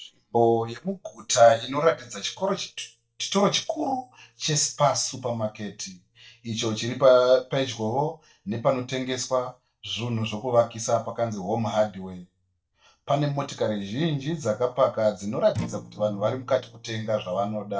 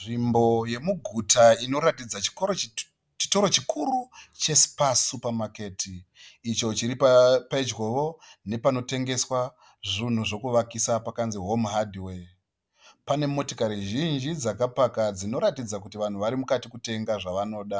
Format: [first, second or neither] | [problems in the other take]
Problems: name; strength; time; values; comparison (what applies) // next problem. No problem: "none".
second | noise reduction (neural mask model DeepFilterNet 3)